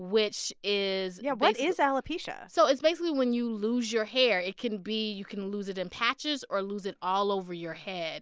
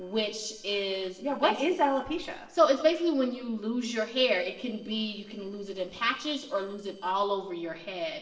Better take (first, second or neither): first